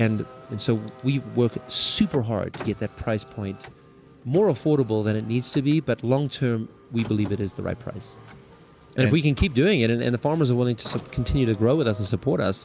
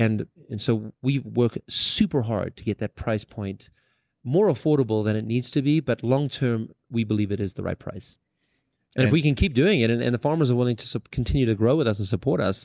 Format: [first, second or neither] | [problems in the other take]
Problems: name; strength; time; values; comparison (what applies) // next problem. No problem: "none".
second | background sound (Car); 19 dB below the speech